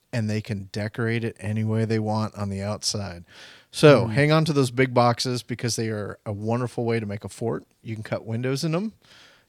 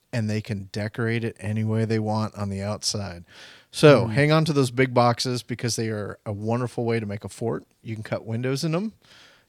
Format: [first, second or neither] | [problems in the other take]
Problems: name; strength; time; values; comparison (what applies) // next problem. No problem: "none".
neither | none